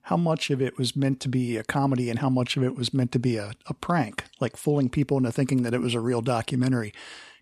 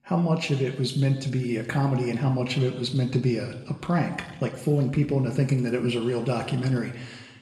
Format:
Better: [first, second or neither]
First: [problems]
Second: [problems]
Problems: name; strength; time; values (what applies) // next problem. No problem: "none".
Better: first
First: none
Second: room echo; slight; dies away in 1.1 s // off-mic speech; somewhat distant